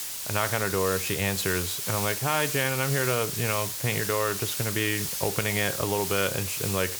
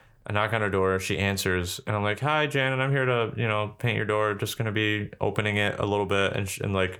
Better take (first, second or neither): second